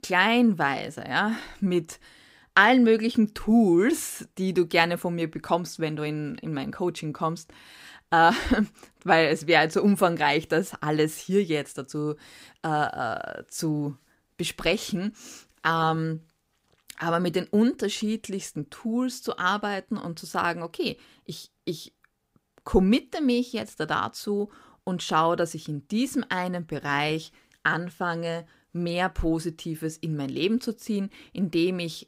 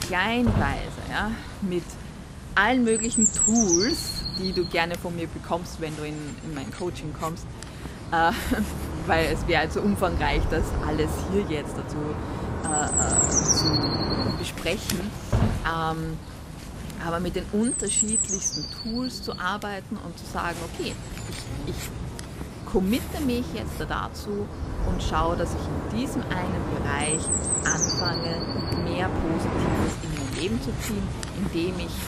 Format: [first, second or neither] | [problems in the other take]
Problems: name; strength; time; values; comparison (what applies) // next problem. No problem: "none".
first | animal sounds; very loud; throughout; 1 dB above the speech